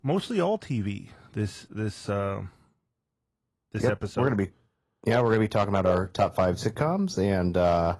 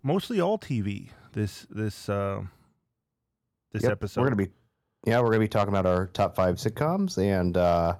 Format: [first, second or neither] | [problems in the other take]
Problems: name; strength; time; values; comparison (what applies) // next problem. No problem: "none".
second | garbled, watery; slightly; nothing above 11.5 kHz